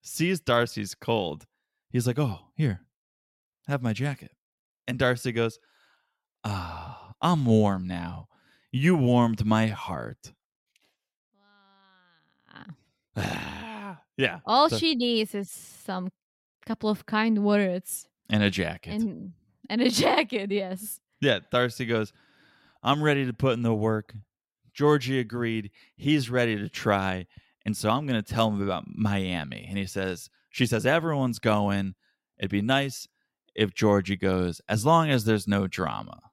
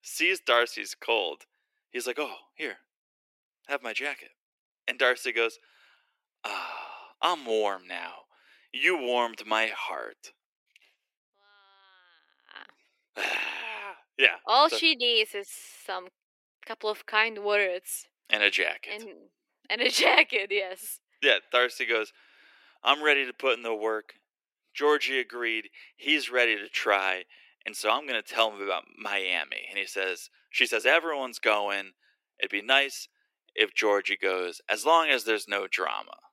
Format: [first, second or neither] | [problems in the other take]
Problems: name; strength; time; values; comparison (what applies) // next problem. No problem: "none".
first | thin; very; fading below 350 Hz